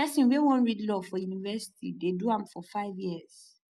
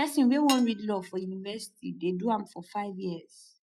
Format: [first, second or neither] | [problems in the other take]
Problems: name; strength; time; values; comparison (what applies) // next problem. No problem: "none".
first | noise reduction (classical method log-MMSE)